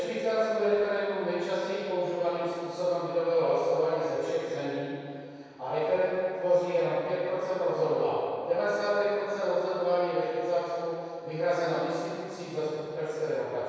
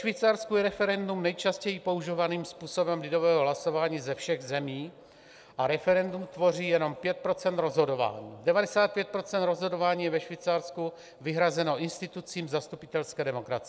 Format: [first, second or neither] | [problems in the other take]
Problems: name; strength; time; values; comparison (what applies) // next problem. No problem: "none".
second | room echo; dies away in 2.2 s